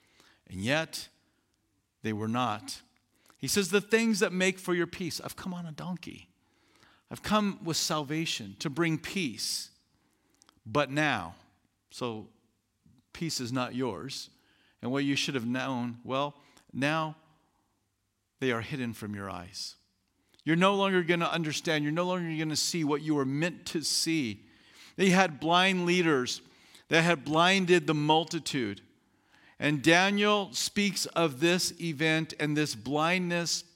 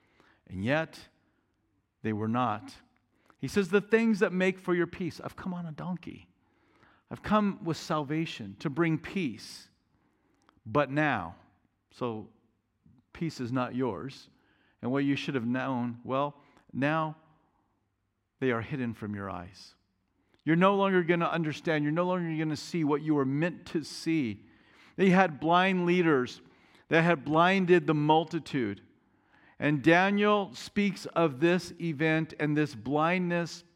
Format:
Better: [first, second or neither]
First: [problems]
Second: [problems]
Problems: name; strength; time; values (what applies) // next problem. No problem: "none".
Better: first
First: none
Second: muffled; slightly; fading above 3 kHz